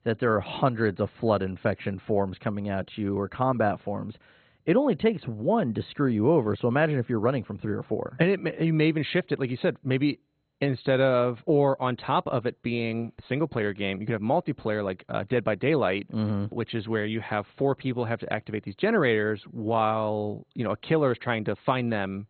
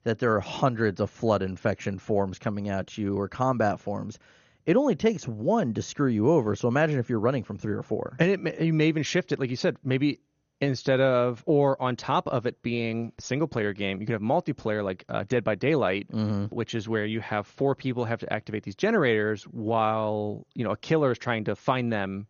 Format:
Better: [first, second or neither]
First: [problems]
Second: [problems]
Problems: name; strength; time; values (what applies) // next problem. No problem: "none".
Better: second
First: garbled, watery; badly; nothing above 4 kHz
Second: garbled, watery; slightly; nothing above 6.5 kHz